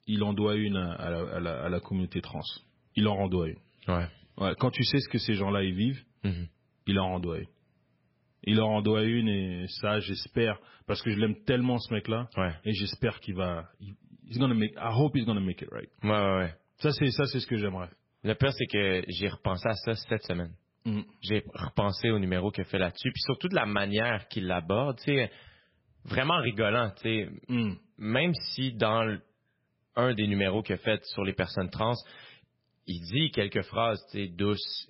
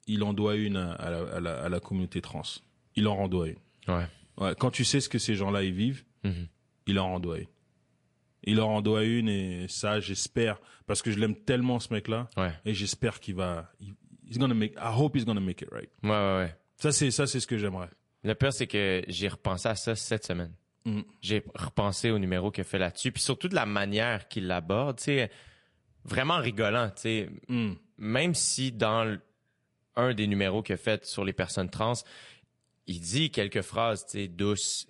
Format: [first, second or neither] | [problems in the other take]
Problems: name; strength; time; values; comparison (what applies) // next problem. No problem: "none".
second | garbled, watery; badly; nothing above 5.5 kHz; slightly in the second